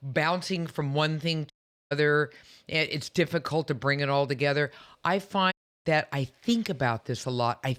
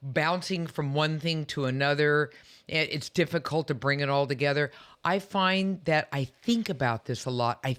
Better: second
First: audio cutting out; at 1.5 s and at 5.5 s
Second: none

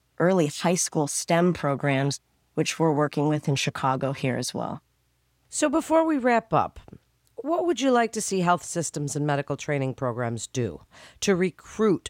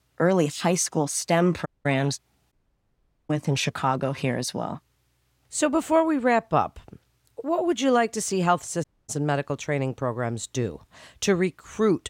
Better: first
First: none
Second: audio cutting out; at 1.5 s, at 2.5 s for 1 s and at 9 s

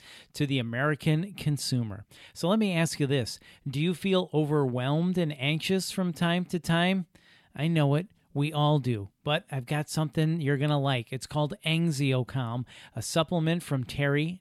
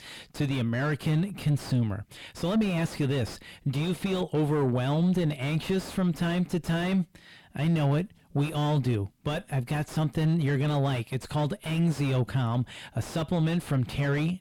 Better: first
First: none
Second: distortion; heavy; 6 dB below the speech

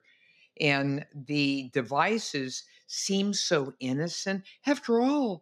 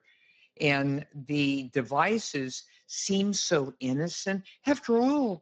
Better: first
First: none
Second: garbled, watery; badly

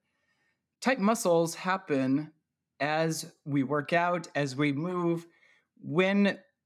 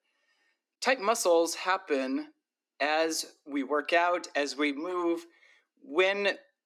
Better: first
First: none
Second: thin; somewhat; fading below 300 Hz

